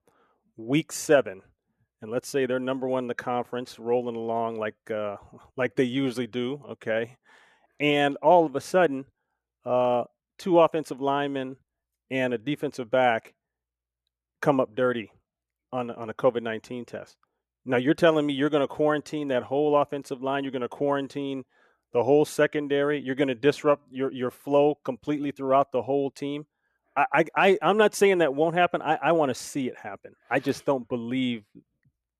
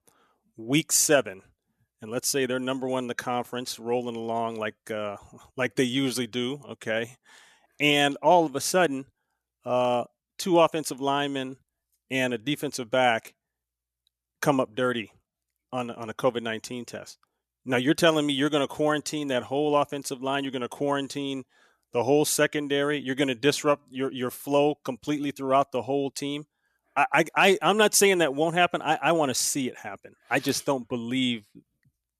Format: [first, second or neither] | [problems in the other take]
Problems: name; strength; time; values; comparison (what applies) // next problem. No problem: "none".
second | muffled; slightly; fading above 3.5 kHz